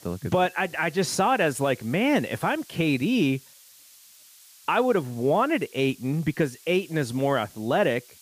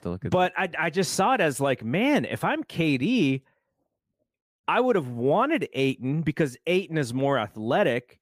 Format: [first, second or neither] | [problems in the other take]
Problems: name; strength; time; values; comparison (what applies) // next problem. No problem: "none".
second | hiss; faint; throughout; 25 dB below the speech